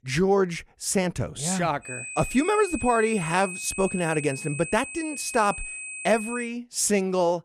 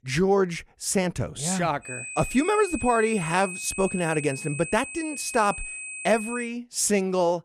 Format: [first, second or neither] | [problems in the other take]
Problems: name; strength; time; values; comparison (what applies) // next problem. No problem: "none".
neither | high-pitched whine; loud; from 2 to 6.5 s; 2.5 kHz, 9 dB below the speech; the same in both